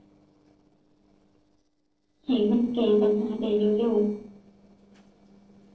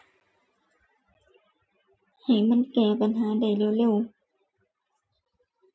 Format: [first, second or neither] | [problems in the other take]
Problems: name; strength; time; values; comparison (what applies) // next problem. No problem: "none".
second | noise reduction (neural separator model SepFormer DNS4)